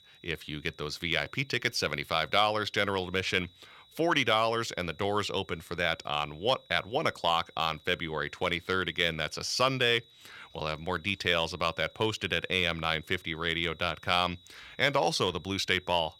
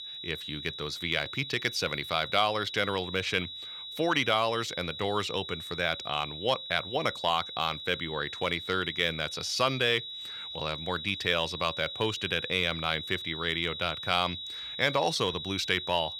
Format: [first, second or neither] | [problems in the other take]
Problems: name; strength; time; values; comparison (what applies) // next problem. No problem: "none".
first | high-pitched whine; loud; throughout; 4 kHz, 8 dB below the speech; faint in the first